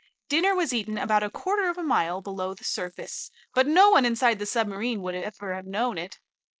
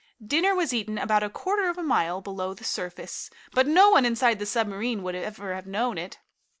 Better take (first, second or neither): second